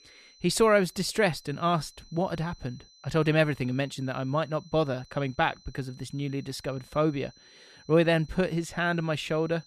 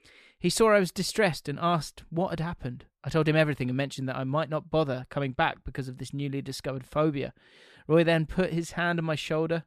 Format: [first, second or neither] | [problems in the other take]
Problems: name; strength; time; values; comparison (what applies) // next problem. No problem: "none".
second | high-pitched whine; faint; throughout; 4 kHz, 25 dB below the speech